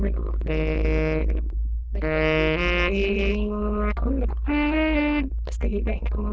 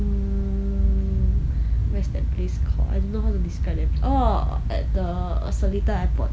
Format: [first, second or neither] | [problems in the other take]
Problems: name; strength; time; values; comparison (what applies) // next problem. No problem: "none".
second | noise reduction (neural diffusion model UNIVERSE++)